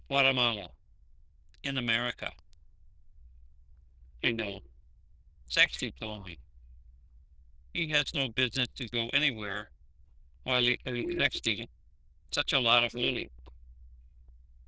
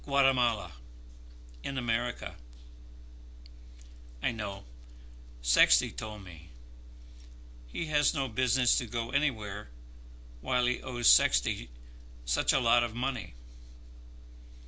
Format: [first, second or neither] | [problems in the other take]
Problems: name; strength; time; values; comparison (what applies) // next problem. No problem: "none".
second | noise reduction (neural diffusion model UNIVERSE++)